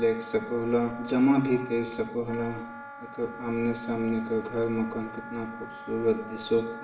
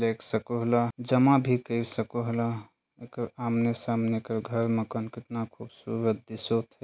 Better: second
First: background sound (Wind instrument, woodwind instrument); 14 dB below the speech // room echo; dies away in 0.8 s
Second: none

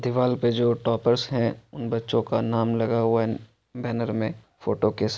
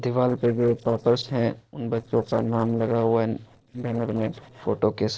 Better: first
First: none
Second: noise reduction (neural separator model SepFormer DNS4)

